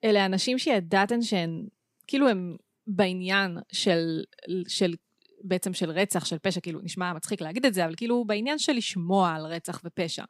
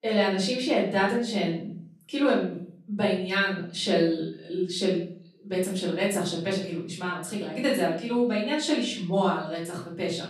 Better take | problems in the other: first | off-mic speech; far // room echo; noticeable; dies away in 0.5 s

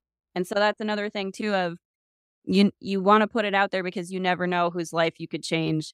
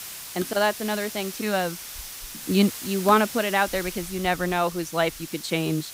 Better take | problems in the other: first | hiss; noticeable; throughout; 10 dB below the speech

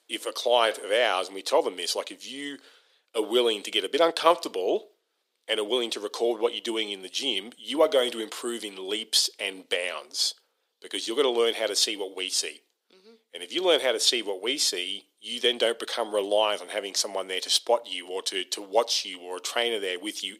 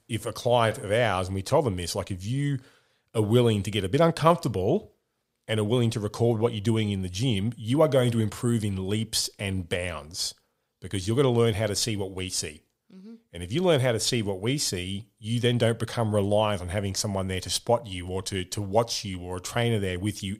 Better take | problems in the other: second | thin; very; fading below 300 Hz

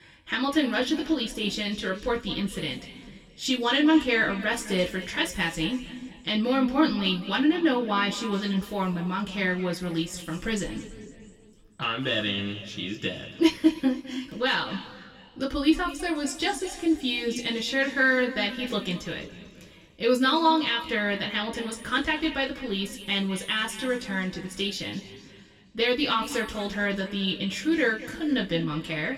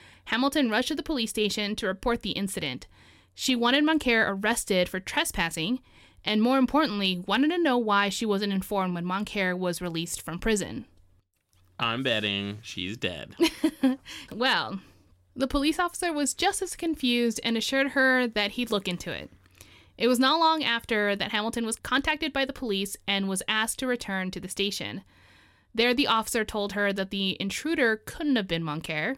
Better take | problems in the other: second | room echo; slight; dies away in 2 s // off-mic speech; far

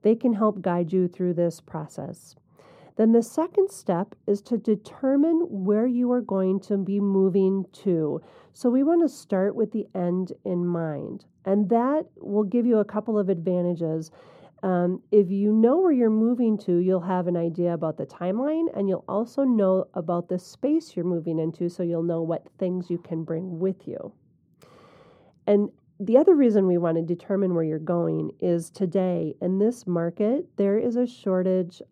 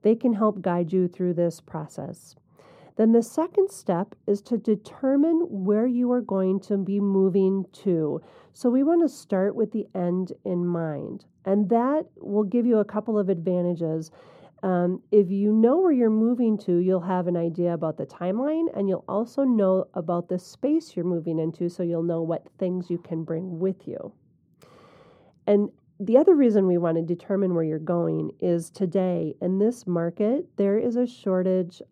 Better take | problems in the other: neither | muffled; very; fading above 1 kHz; the same in both

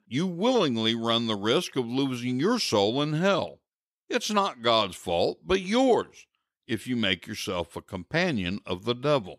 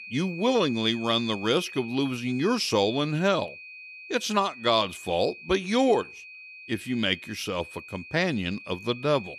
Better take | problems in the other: first | high-pitched whine; noticeable; throughout; 2.5 kHz, 15 dB below the speech

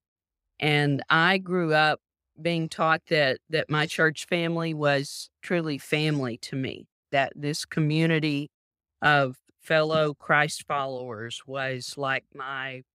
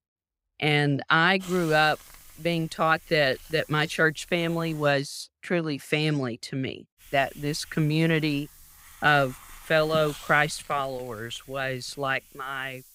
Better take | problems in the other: first | hiss; faint; from 1.5 to 5 s and from 7 s on; 20 dB below the speech

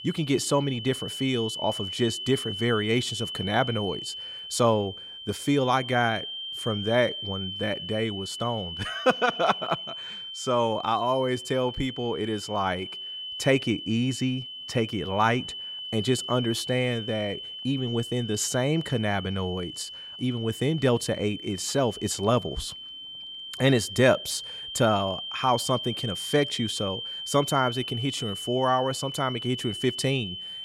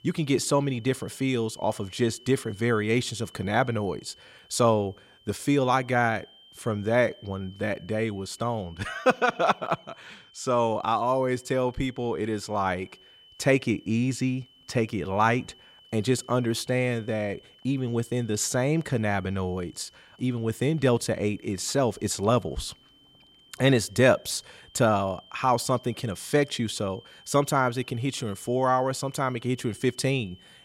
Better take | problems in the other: second | high-pitched whine; loud; throughout; 3 kHz, 7 dB below the speech; faint in the second

